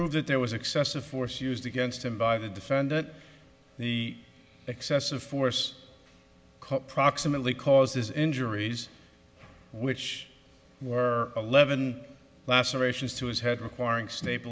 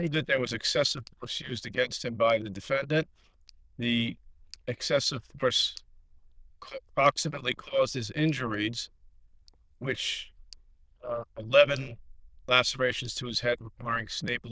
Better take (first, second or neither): first